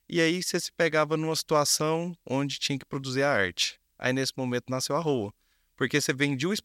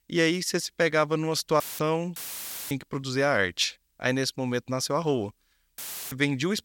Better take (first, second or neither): first